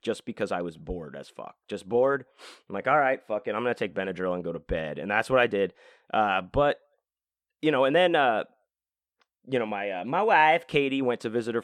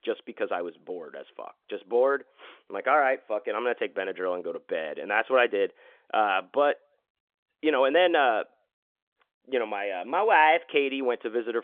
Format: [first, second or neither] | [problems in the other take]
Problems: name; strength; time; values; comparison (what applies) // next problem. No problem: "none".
first | phone-call audio; nothing above 3.5 kHz